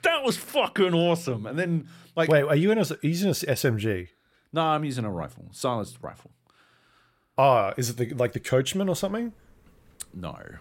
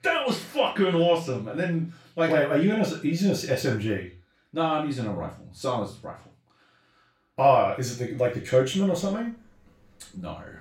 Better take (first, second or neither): first